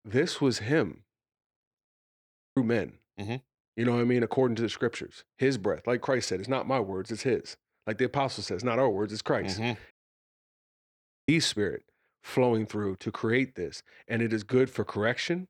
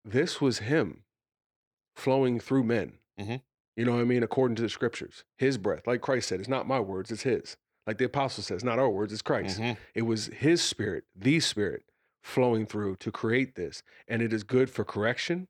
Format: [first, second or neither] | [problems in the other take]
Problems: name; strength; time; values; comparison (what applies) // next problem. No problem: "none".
second | audio cutting out; at 2 s for 0.5 s and at 10 s for 1.5 s